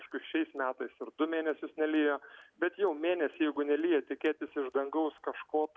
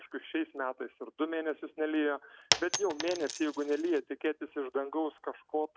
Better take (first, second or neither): first